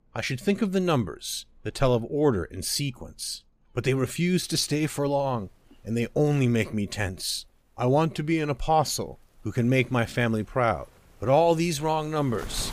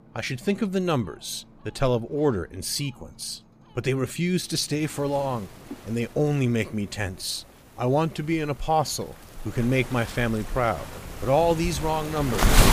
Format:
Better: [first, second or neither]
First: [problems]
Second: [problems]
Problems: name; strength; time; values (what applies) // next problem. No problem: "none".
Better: first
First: rain or running water; faint; throughout; 25 dB below the speech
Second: rain or running water; loud; throughout; 5 dB below the speech